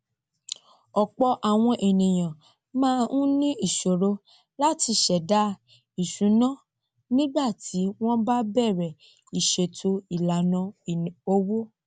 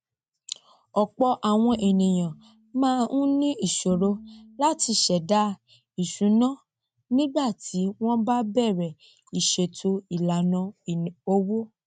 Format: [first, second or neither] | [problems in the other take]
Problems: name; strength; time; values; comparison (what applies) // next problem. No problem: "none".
first | noise reduction (neural mask model RNNoise)